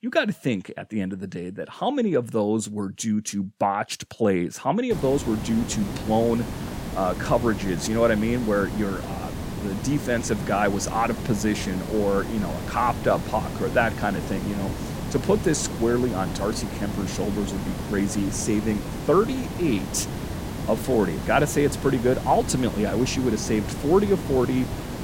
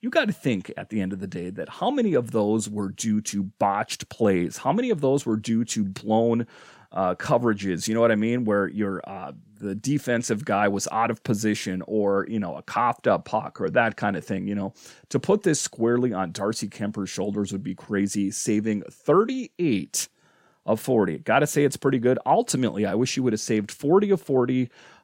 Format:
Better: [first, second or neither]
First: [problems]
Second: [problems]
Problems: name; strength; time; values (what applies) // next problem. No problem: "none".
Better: second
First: hiss; loud; from 5 s on; 7 dB below the speech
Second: none